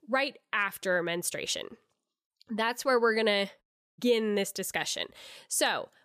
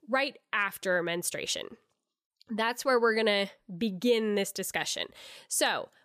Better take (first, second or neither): second